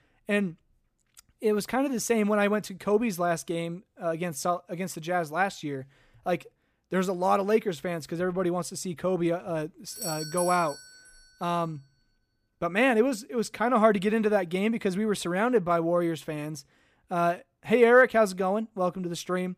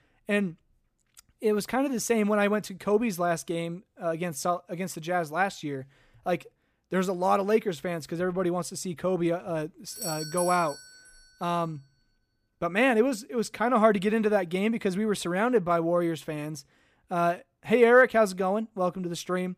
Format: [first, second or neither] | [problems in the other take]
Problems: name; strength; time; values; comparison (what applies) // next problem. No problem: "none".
neither | doorbell; noticeable; from 10 to 11 s; peak 7 dB below the speech; the same in both